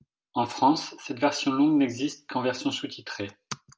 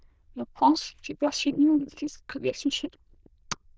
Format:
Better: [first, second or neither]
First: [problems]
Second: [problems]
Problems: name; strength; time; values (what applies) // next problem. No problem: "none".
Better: first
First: none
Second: noise reduction (neural diffusion model UNIVERSE++)